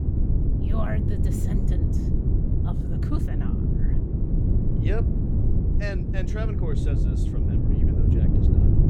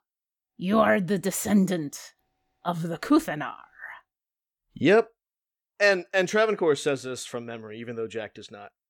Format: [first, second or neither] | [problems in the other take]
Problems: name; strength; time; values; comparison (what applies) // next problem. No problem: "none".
second | wind noise on the microphone; heavy; 2 dB above the speech